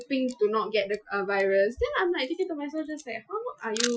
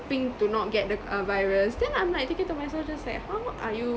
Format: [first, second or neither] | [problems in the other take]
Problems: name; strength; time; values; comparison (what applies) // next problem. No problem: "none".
second | noise reduction (classical method Wiener filter)